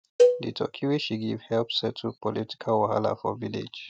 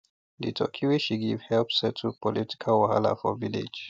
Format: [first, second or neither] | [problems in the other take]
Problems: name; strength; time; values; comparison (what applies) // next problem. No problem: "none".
second | noise reduction (neural mask model RNNoise)